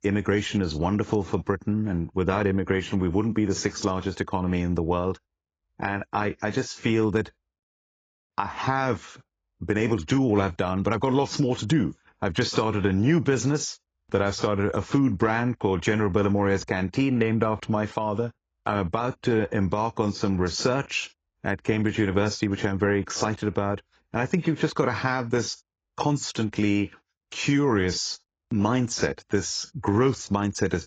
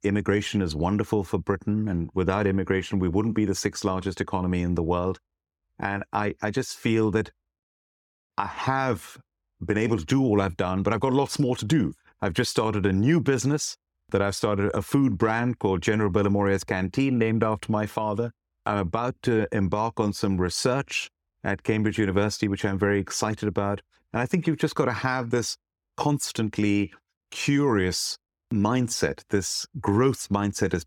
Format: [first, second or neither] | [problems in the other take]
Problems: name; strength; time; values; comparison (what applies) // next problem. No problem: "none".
second | garbled, watery; badly; nothing above 7.5 kHz